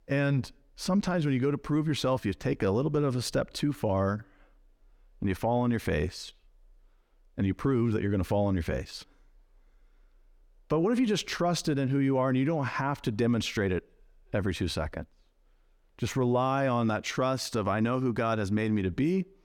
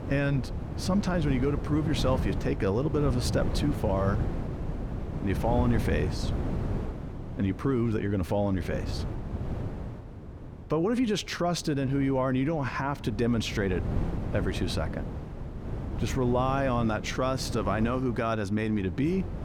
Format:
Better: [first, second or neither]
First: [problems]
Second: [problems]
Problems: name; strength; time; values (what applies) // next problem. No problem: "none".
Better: first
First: none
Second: wind noise on the microphone; occasional gusts; 10 dB below the speech